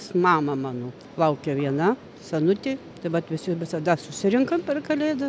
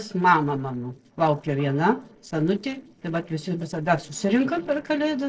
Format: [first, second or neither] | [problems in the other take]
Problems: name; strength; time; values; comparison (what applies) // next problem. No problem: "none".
first | noise reduction (neural separator model SepFormer DNS4)